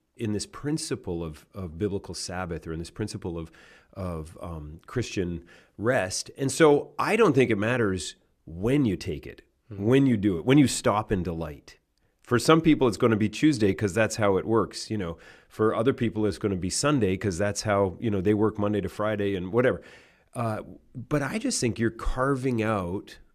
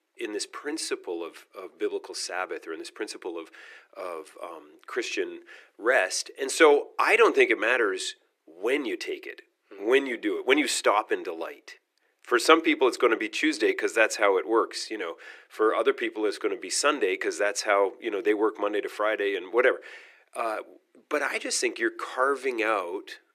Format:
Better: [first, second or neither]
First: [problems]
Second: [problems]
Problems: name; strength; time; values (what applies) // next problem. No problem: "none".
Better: first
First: none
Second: thin; very; fading below 350 Hz